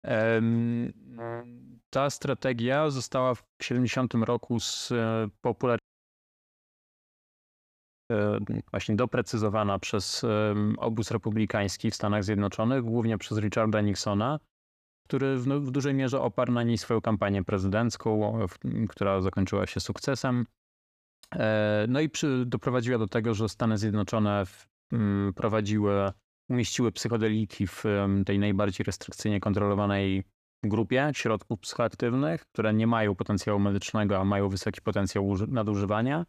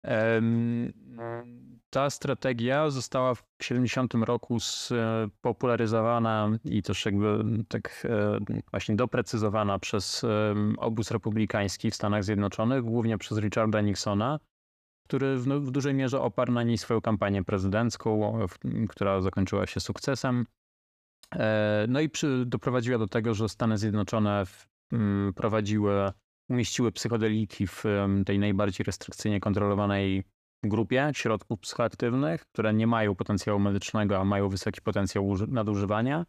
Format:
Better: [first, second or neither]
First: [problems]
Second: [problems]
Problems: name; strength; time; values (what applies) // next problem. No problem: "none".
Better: second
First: audio cutting out; at 6 s for 2.5 s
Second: none